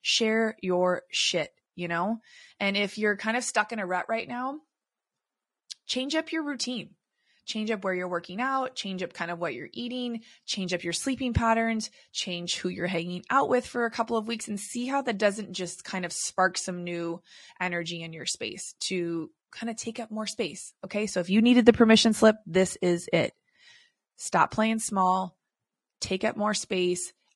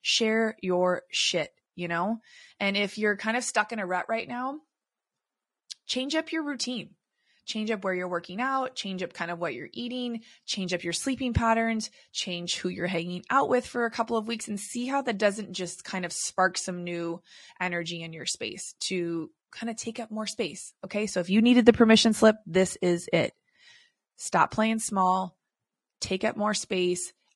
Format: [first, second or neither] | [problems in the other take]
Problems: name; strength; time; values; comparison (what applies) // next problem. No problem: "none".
neither | garbled, watery; slightly; nothing above 10.5 kHz; the same in both